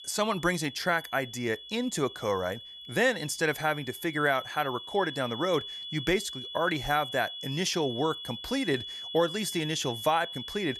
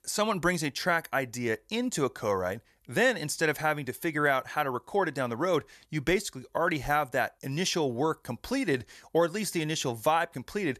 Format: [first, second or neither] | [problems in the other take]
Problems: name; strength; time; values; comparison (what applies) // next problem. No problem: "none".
second | high-pitched whine; loud; throughout; 3.5 kHz, 9 dB below the speech